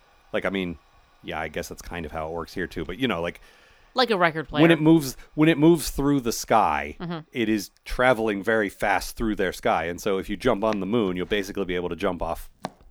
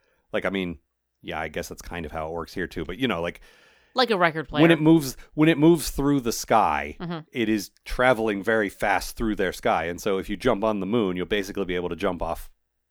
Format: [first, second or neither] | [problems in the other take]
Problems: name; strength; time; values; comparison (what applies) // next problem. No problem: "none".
second | household noises; faint; throughout; 25 dB below the speech